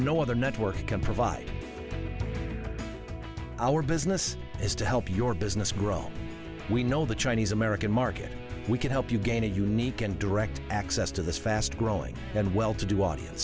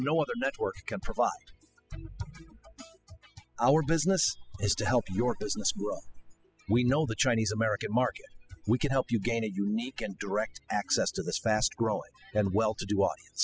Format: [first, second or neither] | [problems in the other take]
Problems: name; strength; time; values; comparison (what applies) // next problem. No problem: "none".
first | noise reduction (classical method spectral subtraction)